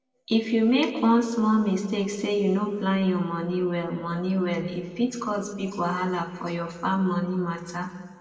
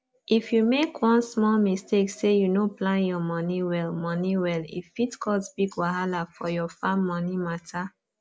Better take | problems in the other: second | room echo; dies away in 1.4 s

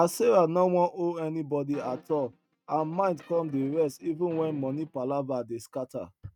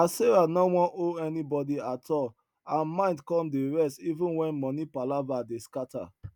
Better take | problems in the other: second | noise reduction (neural mask model RNNoise)

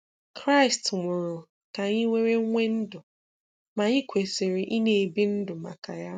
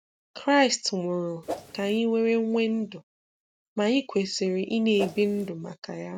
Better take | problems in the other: first | background sound (Whoosh, swoosh, swish); 10 dB below the speech

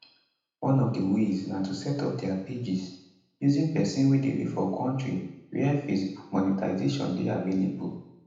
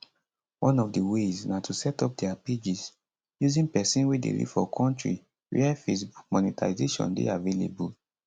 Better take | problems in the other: second | room echo; dies away in 0.8 s

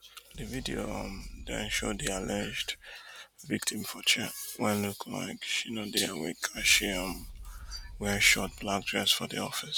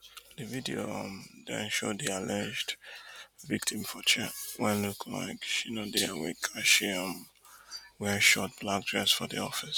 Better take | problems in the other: second | background sound (Boom); 13 dB below the speech

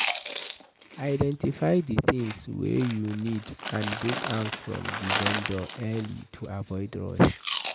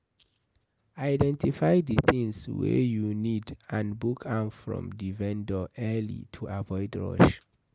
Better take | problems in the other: second | background sound (Chewing, mastication); 7 dB below the speech

